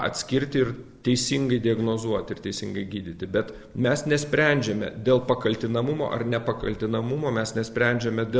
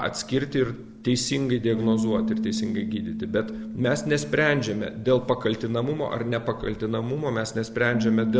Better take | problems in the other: first | background sound (Bass guitar); 6 dB below the speech

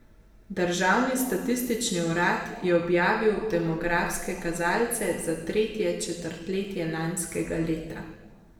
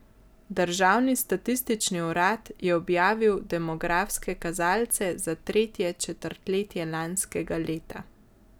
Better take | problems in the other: second | room echo; dies away in 1.1 s

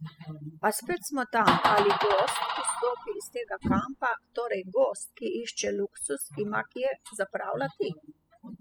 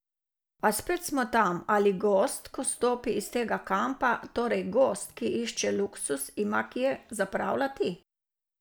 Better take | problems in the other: second | noise reduction (classical method spectral subtraction)

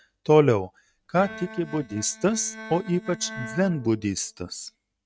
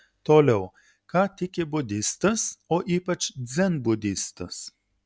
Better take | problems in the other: second | noise reduction (neural mask model RNNoise)

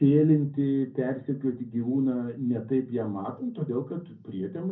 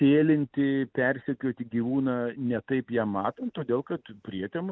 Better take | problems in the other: second | room echo; dies away in 0.4 s

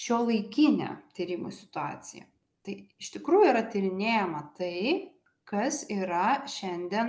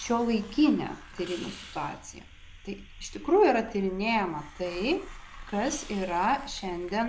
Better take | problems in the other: first | background sound (Hiss); 16 dB below the speech

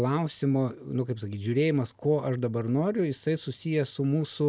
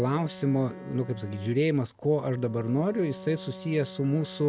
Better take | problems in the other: first | background sound (Bowed string instrument); 17 dB below the speech

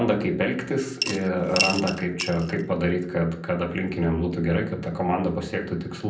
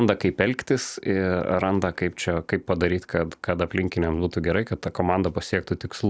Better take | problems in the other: second | background sound (Coin (dropping) / Glass); 6 dB below the speech // room echo; dies away in 0.6 s

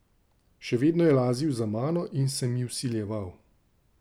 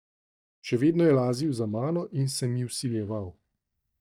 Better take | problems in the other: first | noise reduction (neural mask model DeepFilterNet 3)

